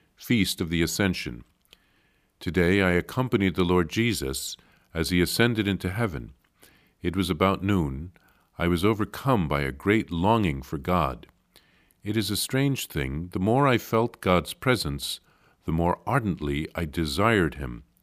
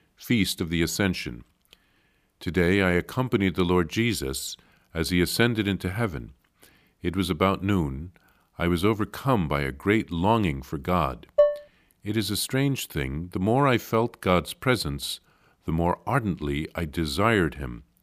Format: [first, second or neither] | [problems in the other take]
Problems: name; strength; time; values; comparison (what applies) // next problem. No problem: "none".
first | clattering dishes; loud; at 11 s; peak 3 dB above the speech